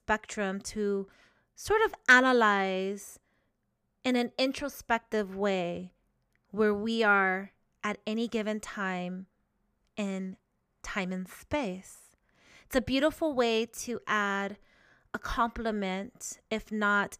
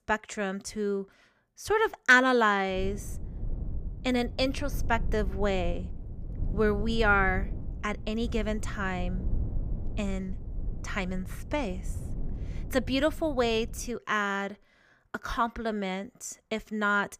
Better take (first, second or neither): first